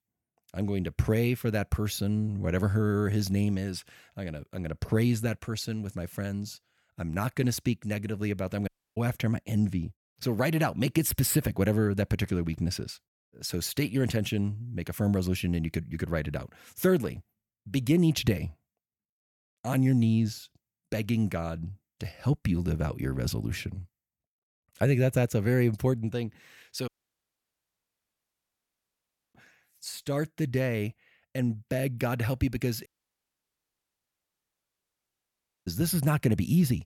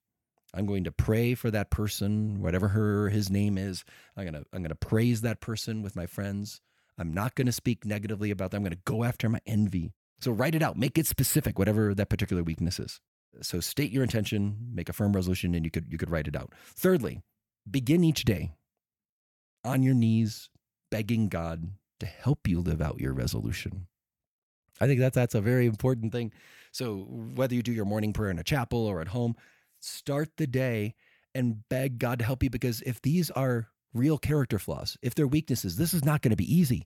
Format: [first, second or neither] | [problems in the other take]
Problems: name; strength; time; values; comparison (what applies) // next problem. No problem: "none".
second | audio cutting out; at 8.5 s, at 27 s for 2.5 s and at 33 s for 3 s